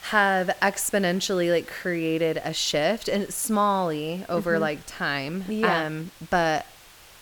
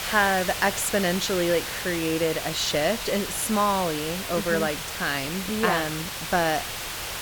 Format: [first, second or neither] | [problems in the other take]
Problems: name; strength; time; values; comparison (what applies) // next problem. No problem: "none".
first | hiss; loud; throughout; 5 dB below the speech; faint in the first